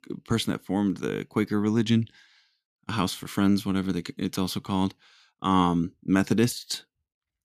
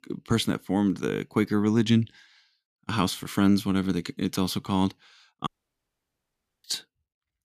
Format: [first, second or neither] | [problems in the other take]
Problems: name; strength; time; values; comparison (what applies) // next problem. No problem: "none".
first | audio cutting out; at 5.5 s for 1 s